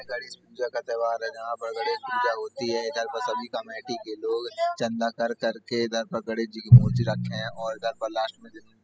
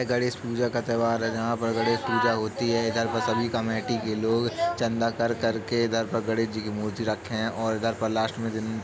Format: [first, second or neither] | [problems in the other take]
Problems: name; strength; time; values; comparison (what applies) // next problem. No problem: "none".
second | noise reduction (classical method spectral subtraction)